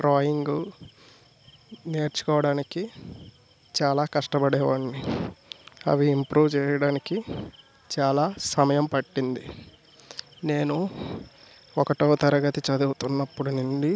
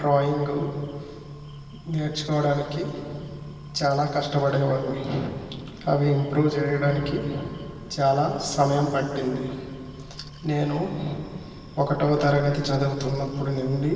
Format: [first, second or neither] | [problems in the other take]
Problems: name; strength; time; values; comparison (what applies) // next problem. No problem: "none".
first | background sound (Accelerating, revving, vroom); 16 dB below the speech // room echo; dies away in 2.5 s